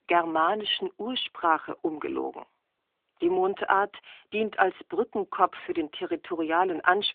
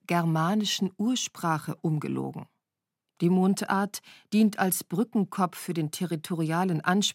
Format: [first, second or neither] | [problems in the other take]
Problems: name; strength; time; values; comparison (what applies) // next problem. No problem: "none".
second | phone-call audio